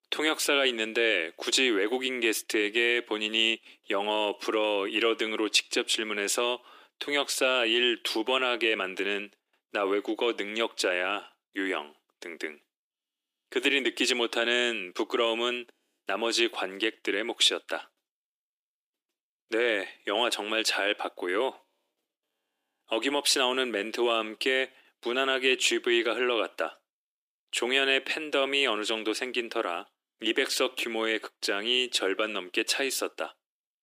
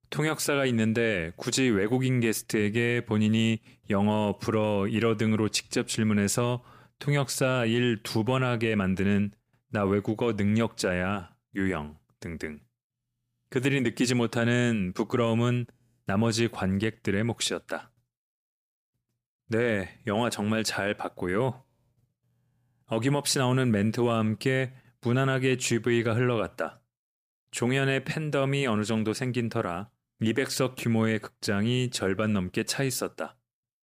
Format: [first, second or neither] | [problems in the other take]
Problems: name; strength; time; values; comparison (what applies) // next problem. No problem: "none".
second | thin; somewhat; fading below 300 Hz